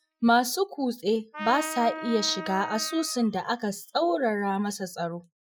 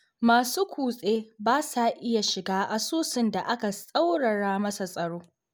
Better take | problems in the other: second | noise reduction (classical method Wiener filter)

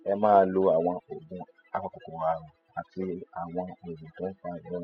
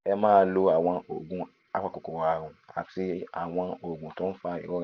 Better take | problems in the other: second | noise reduction (classical method spectral subtraction)

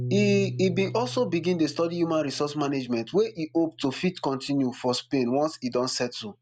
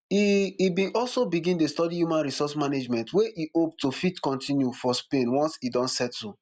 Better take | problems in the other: second | background sound (Piano); 13 dB below the speech

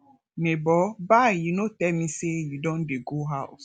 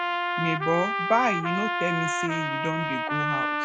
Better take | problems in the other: first | background sound (Trumpet); 1 dB above the speech

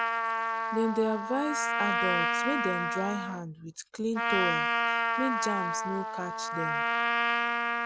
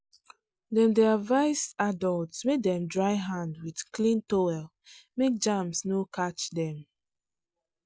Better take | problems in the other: second | background sound (Trumpet); 4 dB above the speech

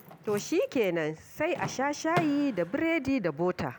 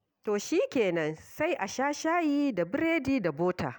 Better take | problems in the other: second | background sound (Door / Car); 13 dB below the speech

